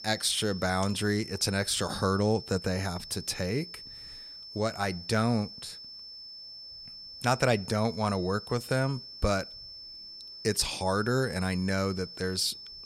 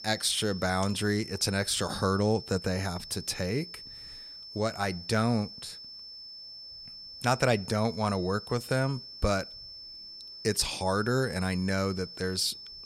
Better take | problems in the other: neither | high-pitched whine; noticeable; throughout; 5.5 kHz, 15 dB below the speech; the same in both

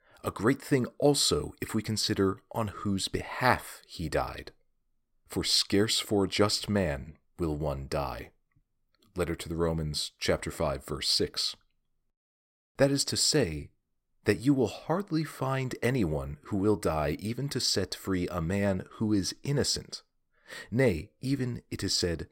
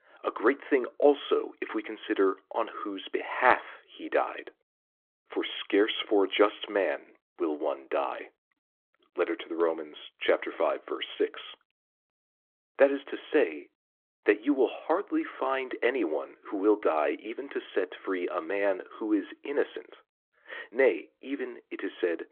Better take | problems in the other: first | phone-call audio; nothing above 3.5 kHz

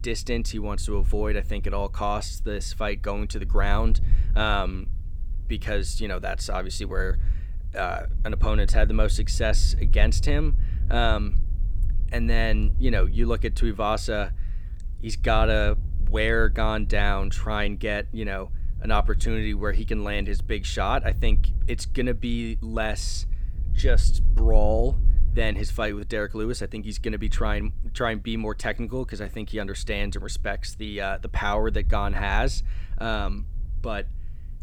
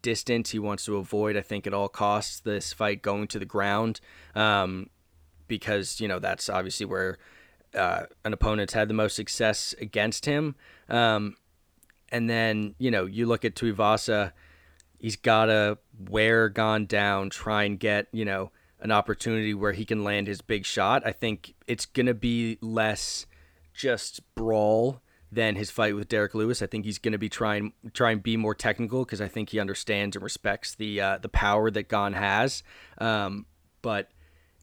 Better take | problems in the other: second | low rumble; faint; throughout; 20 dB below the speech

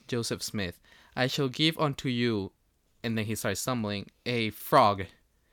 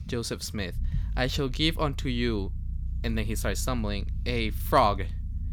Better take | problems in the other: first | low rumble; faint; throughout; 25 dB below the speech

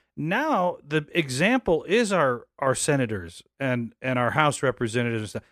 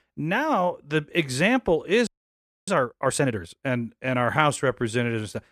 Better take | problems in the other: first | audio freezing; at 2 s for 0.5 s

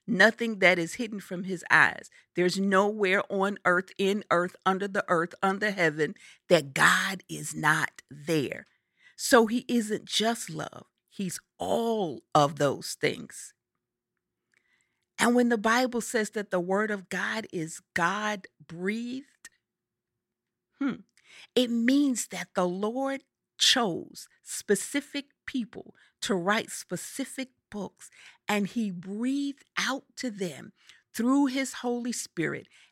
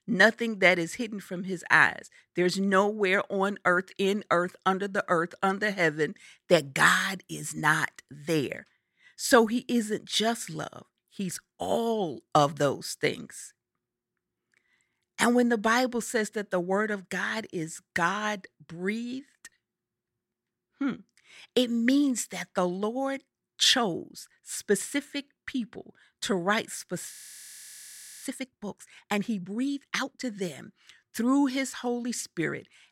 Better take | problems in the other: first | audio freezing; at 27 s for 1 s

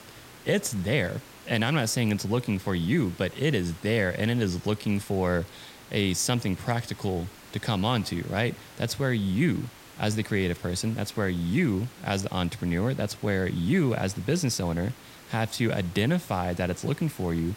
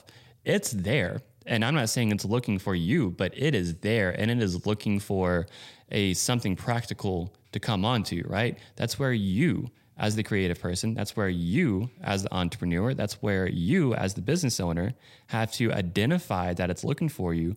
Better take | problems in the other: second | hiss; noticeable; throughout; 20 dB below the speech

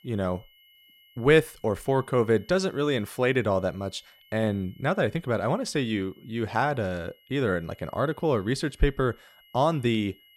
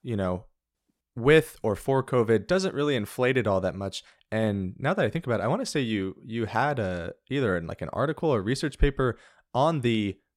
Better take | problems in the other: second | high-pitched whine; faint; throughout; 3 kHz, 30 dB below the speech

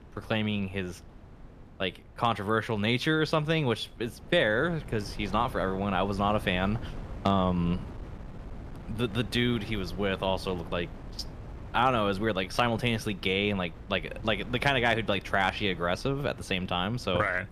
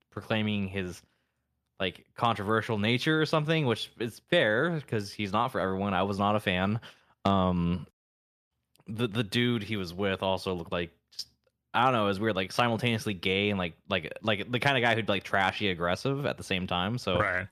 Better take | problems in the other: second | wind noise on the microphone; occasional gusts; 20 dB below the speech

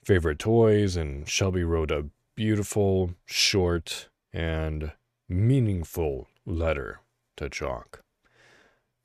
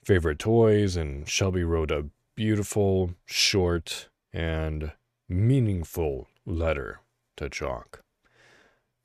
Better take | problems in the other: neither | none

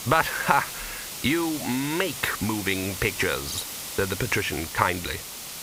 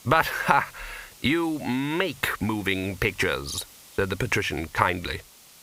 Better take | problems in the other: second | hiss; loud; throughout; 7 dB below the speech; faint in the second

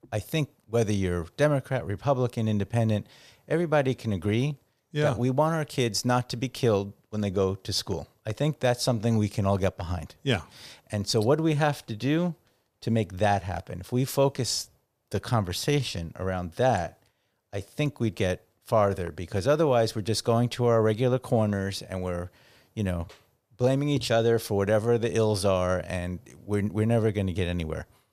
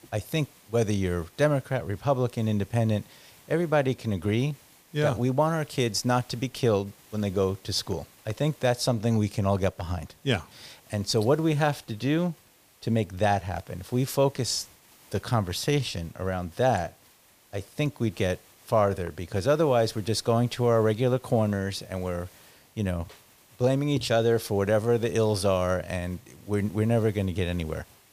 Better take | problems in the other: first | hiss; faint; throughout; 25 dB below the speech

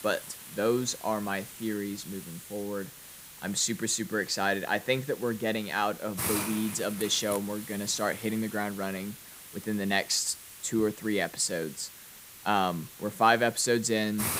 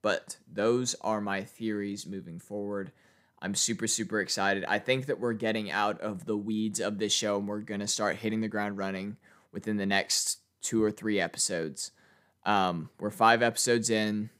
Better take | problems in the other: second | hiss; noticeable; throughout; 10 dB below the speech

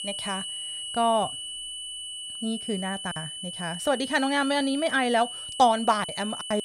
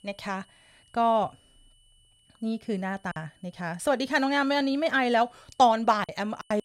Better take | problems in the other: second | high-pitched whine; loud; throughout; 3 kHz, 7 dB below the speech; faint in the second

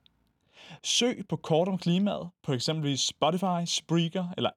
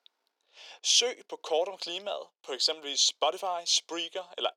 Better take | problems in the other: first | thin; very; fading below 400 Hz

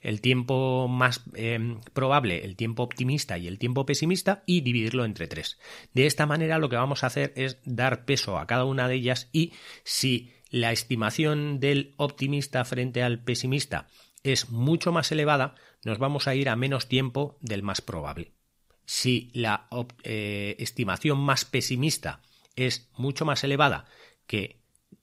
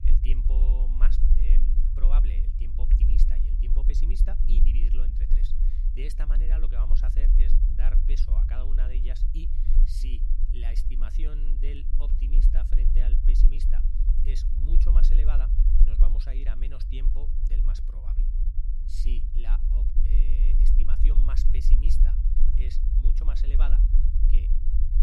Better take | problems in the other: first | low rumble; loud; throughout; 2 dB below the speech

